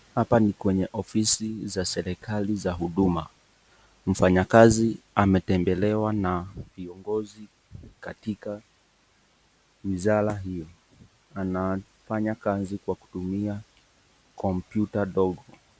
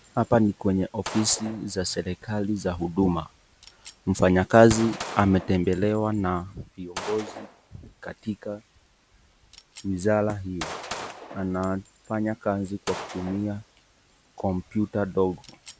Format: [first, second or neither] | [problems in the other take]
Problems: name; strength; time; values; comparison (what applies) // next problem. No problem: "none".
first | background sound (Gunshot, gunfire); 16 dB below the speech